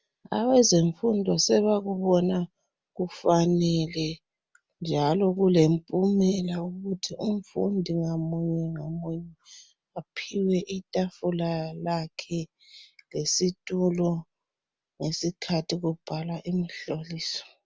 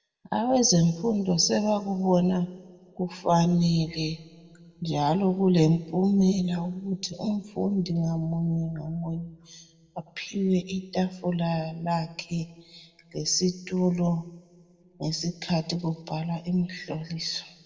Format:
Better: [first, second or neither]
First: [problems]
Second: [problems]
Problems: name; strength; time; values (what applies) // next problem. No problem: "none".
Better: first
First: none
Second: room echo; dies away in 1.3 s